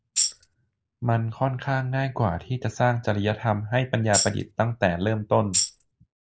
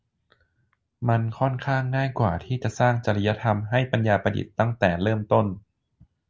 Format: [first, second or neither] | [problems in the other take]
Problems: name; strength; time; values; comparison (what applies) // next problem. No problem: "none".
second | noise reduction (neural mask model Resemble Enhance denoiser)